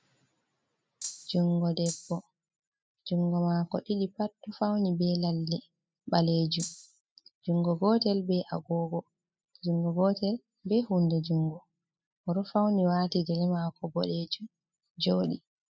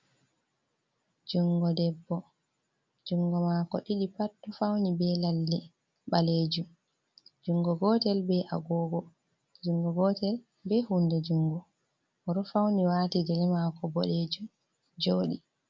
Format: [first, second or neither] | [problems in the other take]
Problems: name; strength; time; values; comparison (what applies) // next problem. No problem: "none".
second | noise reduction (classical method spectral subtraction)